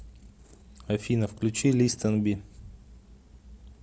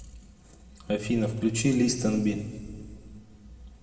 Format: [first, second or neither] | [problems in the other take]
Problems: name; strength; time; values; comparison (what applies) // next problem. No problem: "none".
first | room echo; dies away in 1.6 s